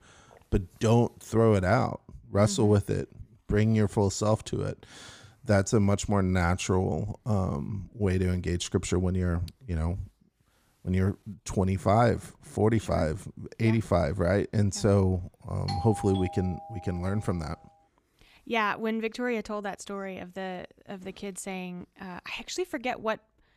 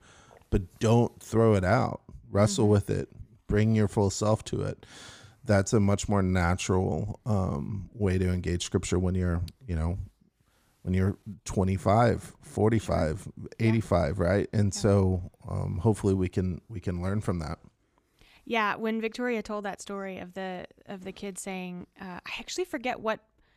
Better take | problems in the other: second | doorbell; noticeable; from 16 to 17 s; peak 8 dB below the speech

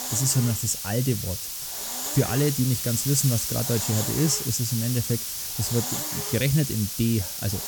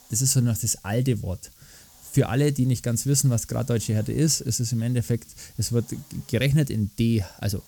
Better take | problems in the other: second | hiss; loud; throughout; 3 dB below the speech; faint in the second

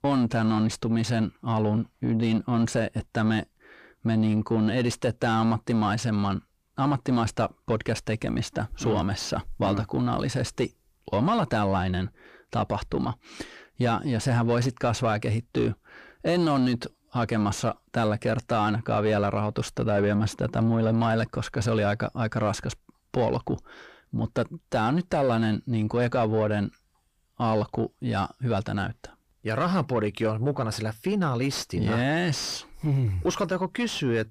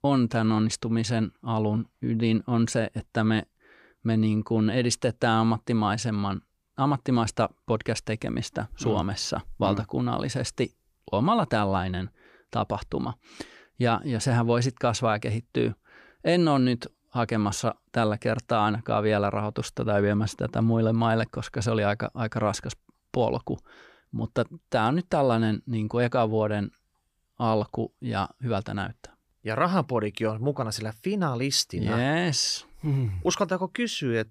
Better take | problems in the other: second | distortion; slight; 10 dB below the speech

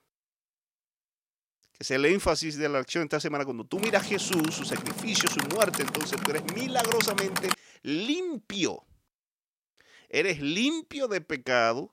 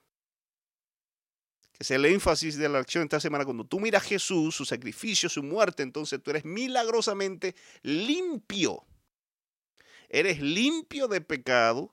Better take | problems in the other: second | keyboard typing; loud; from 4 to 7.5 s; peak 1 dB above the speech

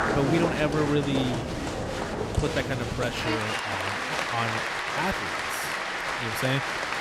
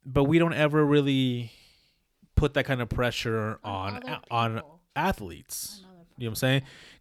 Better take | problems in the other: second | crowd noise; very loud; throughout; 1 dB above the speech

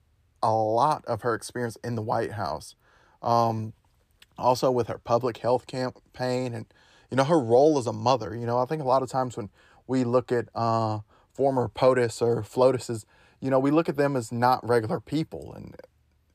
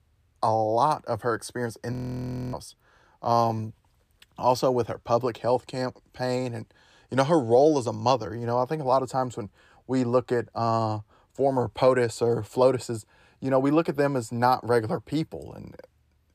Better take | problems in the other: first | audio freezing; at 2 s for 0.5 s

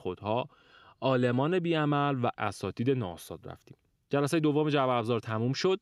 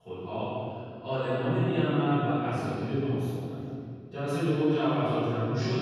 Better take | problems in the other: first | off-mic speech; far // room echo; strong; dies away in 2.7 s

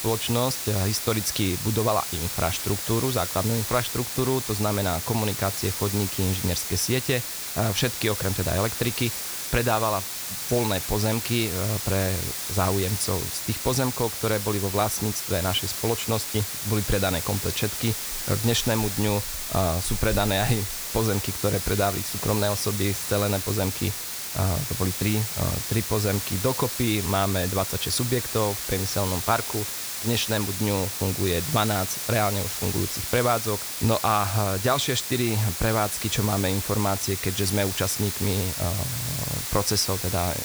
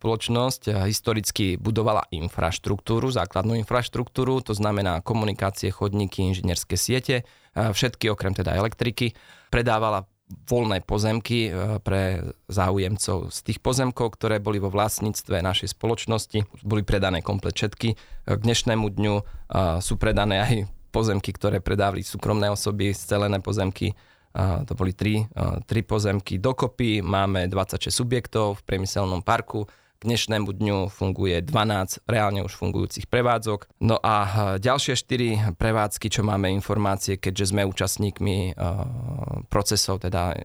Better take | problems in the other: second | hiss; loud; throughout; 3 dB below the speech

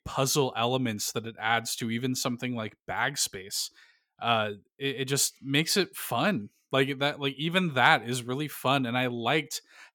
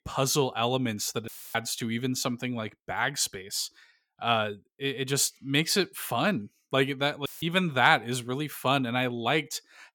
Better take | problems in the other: first | audio cutting out; filled with static; at 1.5 s and at 7.5 s

